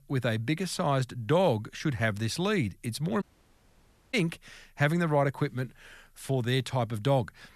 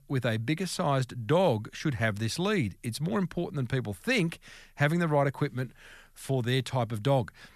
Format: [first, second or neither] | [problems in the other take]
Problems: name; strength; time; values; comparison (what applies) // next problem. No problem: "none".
second | audio cutting out; at 3 s for 1 s